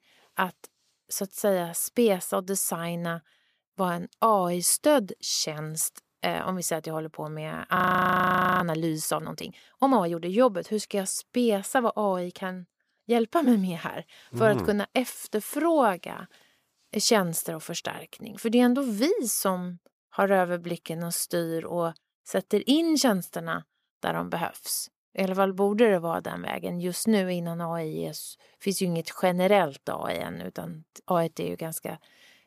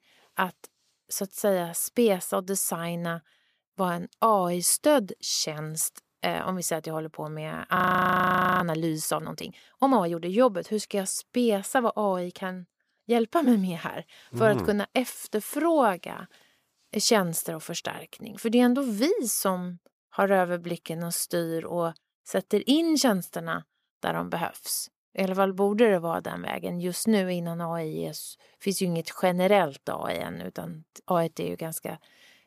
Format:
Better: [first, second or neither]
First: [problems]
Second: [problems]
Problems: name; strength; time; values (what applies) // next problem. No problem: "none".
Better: neither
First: audio freezing; at 8 s for 1 s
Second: audio freezing; at 8 s for 1 s